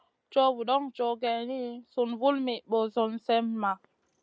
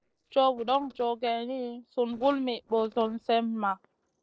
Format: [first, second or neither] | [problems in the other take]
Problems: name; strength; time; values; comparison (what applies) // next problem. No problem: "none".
first | noise reduction (neural separator model SepFormer DNS4)